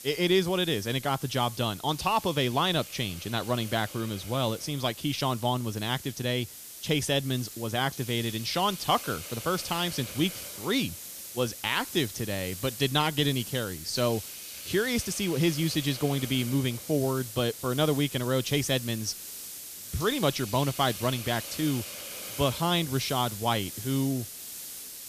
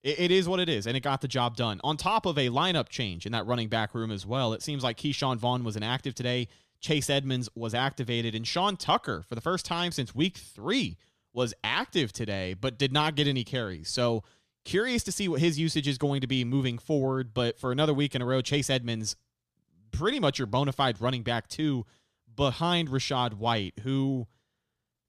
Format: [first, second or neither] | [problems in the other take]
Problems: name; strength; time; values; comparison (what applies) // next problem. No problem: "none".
second | hiss; noticeable; throughout; 10 dB below the speech